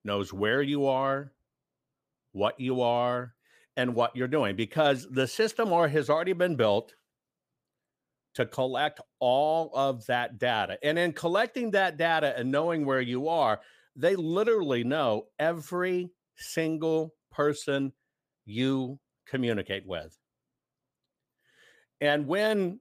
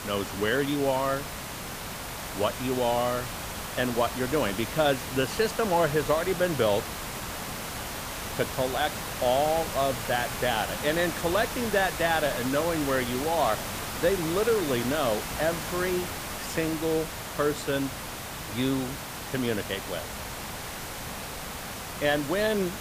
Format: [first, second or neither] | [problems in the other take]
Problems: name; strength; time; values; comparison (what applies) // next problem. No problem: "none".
first | hiss; loud; throughout; 6 dB below the speech